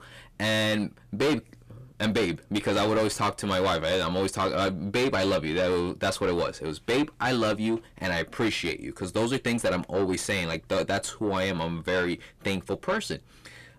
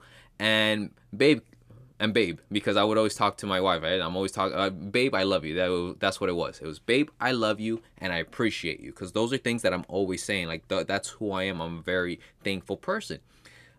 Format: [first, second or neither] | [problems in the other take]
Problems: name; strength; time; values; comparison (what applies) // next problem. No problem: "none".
second | distortion; heavy; 5 dB below the speech